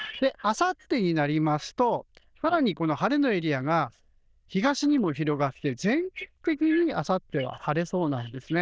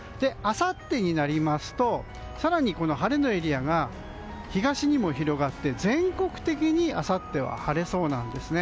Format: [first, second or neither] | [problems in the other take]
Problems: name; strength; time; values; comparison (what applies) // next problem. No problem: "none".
second | noise reduction (neural diffusion model UNIVERSE++)